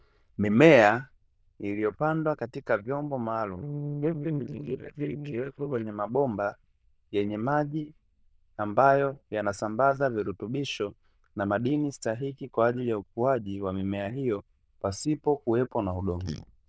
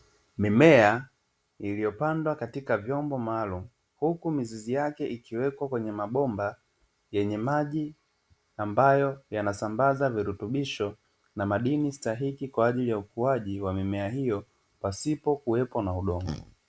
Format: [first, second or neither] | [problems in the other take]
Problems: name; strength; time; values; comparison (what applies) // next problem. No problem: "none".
second | noise reduction (neural diffusion model UNIVERSE++)